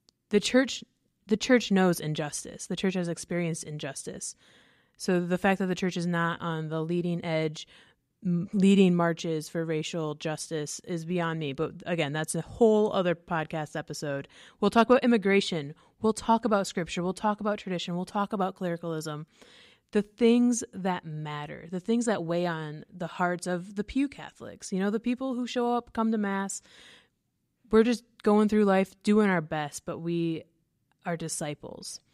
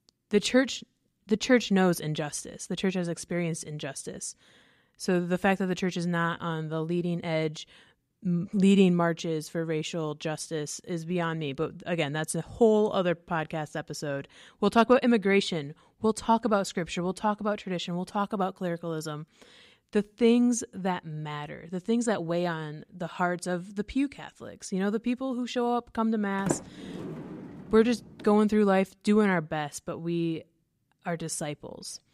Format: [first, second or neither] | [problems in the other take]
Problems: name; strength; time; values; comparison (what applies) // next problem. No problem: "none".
first | door banging; noticeable; at 26 s; peak 5 dB below the speech